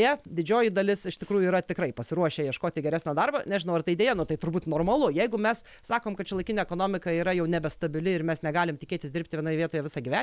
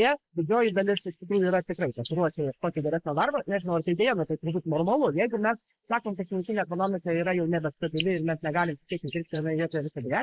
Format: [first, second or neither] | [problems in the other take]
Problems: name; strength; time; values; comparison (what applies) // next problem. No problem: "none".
first | noise reduction (neural mask model Resemble Enhance denoiser)